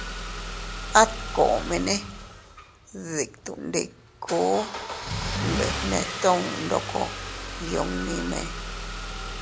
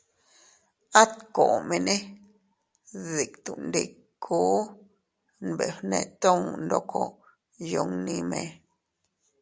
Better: second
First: background sound (Engine starting / Car); 5 dB below the speech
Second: none

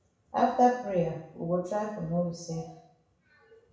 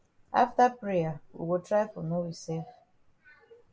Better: second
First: room echo; dies away in 0.6 s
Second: none

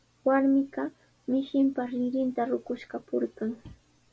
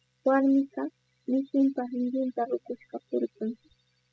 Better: first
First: none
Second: noise reduction (classical method spectral subtraction)

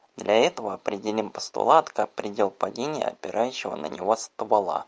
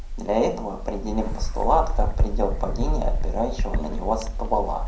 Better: first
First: none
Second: background sound (Bird); 2 dB above the speech // room echo; dies away in 0.6 s

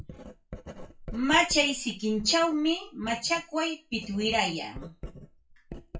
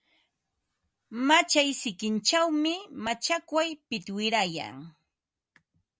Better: second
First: noise reduction (classical method WPE with log-MMSE)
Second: none

